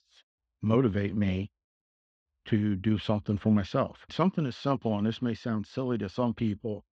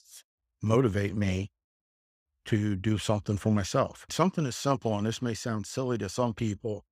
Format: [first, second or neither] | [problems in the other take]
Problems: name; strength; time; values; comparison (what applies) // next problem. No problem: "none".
second | muffled; slightly; fading above 4 kHz